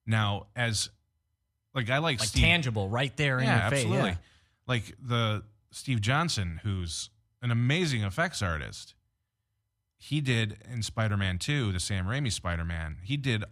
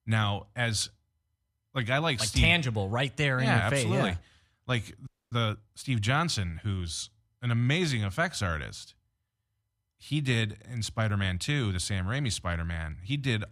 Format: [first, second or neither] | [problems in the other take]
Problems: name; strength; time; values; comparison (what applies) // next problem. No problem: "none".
first | audio freezing; at 5 s